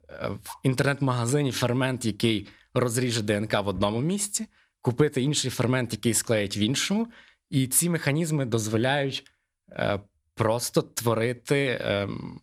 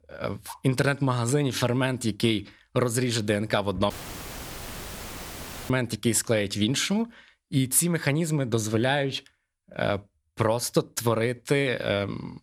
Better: first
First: none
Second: audio cutting out; filled with static; at 4 s for 2 s

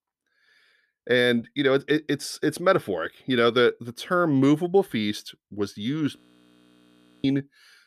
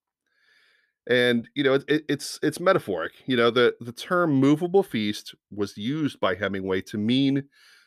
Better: second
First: audio freezing; at 6 s for 1 s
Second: none

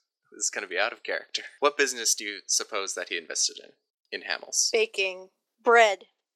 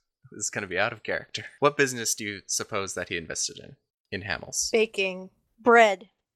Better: second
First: thin; somewhat; fading below 300 Hz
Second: none

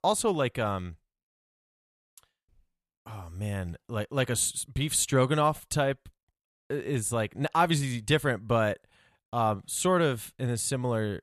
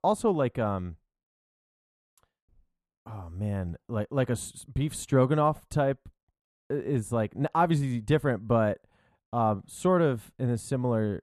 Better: first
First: none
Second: muffled; slightly; fading above 1.5 kHz

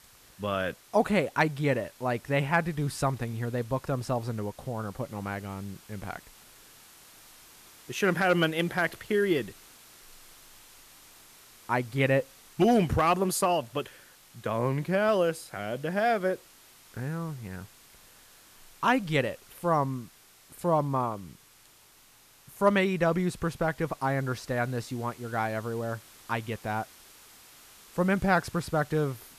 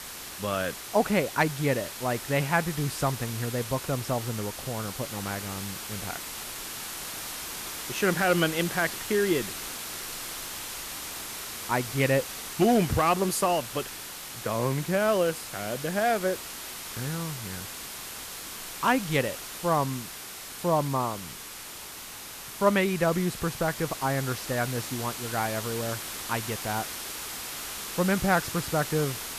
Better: first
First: hiss; faint; throughout; 25 dB below the speech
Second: hiss; loud; throughout; 7 dB below the speech

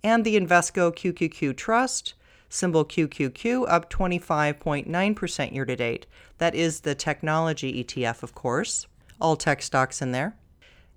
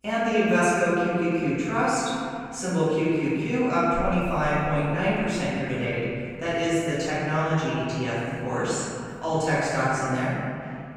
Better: first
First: none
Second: room echo; strong; dies away in 2.5 s // off-mic speech; far

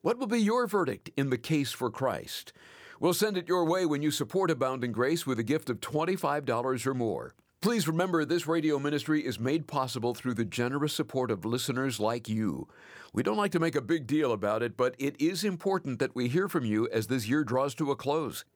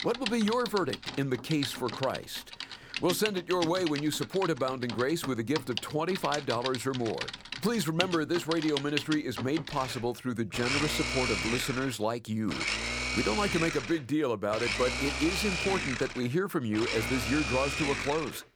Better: first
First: none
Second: household noises; loud; throughout; 3 dB below the speech

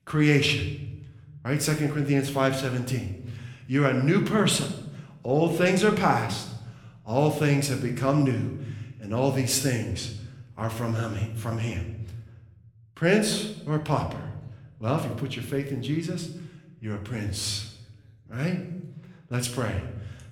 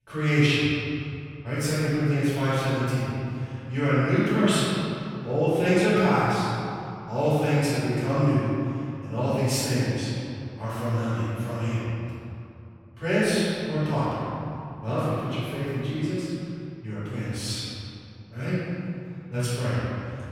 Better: first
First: room echo; slight; dies away in 0.9 s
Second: room echo; strong; dies away in 2.6 s // off-mic speech; far

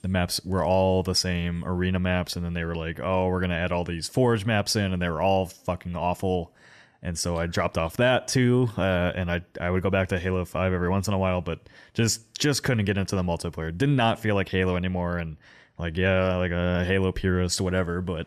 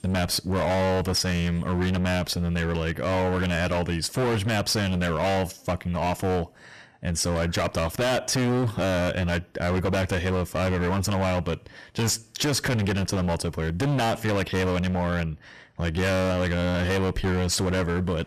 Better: first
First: none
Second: distortion; heavy; 28% of the sound clipped

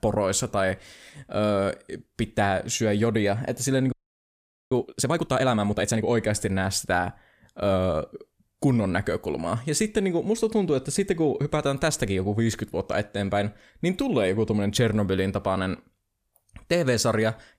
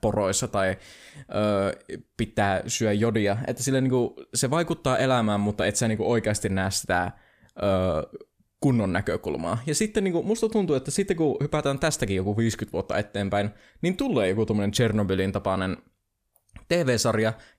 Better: second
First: audio freezing; at 4 s for 1 s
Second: none

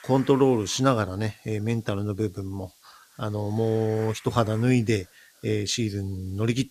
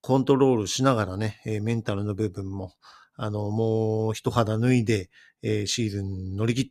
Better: second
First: hiss; faint; throughout; 25 dB below the speech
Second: none

